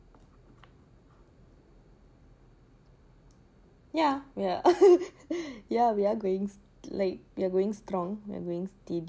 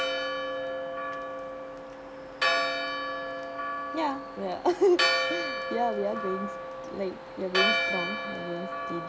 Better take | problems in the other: first | background sound (Church bell); 2 dB above the speech

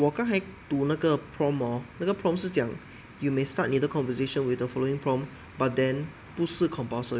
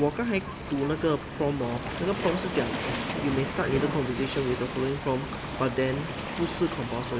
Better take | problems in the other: first | background sound (Waves, surf); 5 dB below the speech

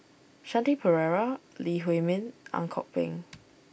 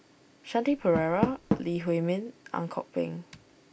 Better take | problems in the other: first | background sound (Door); 6 dB below the speech

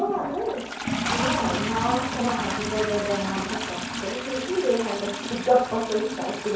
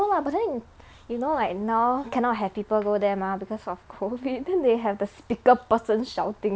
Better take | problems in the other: second | background sound (Toilet flush); 3 dB below the speech // room echo; dies away in 0.6 s

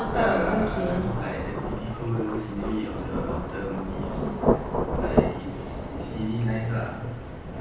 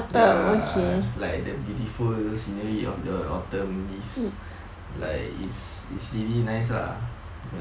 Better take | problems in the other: second | background sound (Rain / Thunderstorm); as loud as the speech // room echo; dies away in 0.9 s

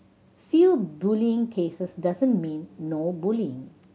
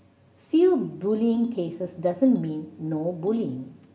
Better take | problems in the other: first | background sound (Ringtone); 19 dB below the speech // room echo; dies away in 0.7 s

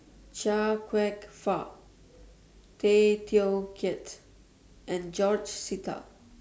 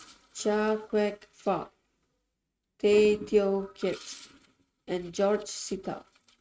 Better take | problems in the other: first | noise reduction (neural mask model RNNoise)

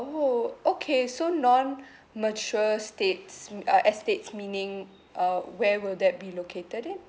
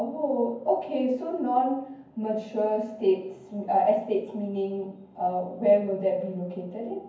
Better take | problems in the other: first | room echo; dies away in 0.9 s

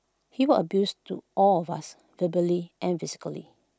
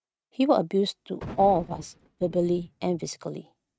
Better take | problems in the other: first | noise reduction (neural mask model RNNoise)

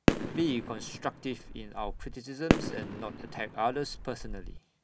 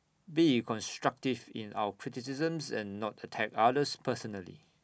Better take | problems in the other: second | background sound (Fireworks); 3 dB above the speech

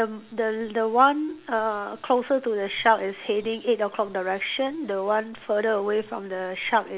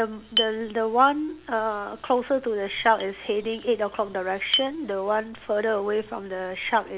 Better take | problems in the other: first | background sound (Chink, clink); 11 dB below the speech

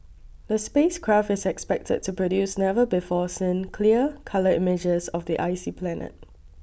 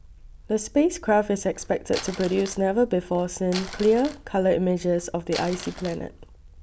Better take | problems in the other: first | background sound (Crumpling, crinkling); 16 dB below the speech

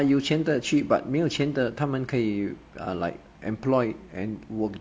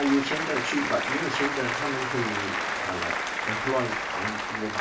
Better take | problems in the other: first | background sound (Applause); as loud as the speech // room echo; dies away in 0.3 s

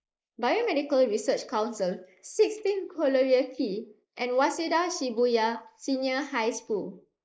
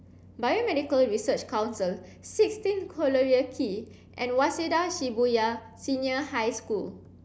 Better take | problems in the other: second | noise reduction (neural mask model Resemble Enhance denoiser)

